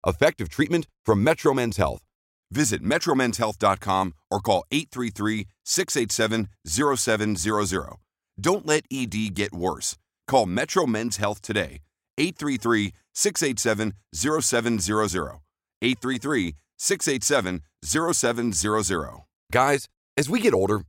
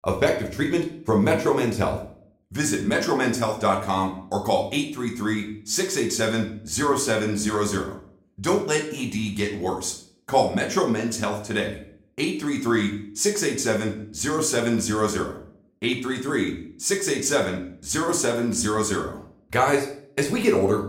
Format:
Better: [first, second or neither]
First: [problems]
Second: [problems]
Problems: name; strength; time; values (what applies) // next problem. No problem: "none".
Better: first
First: none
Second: room echo; slight; dies away in 0.4 s // off-mic speech; somewhat distant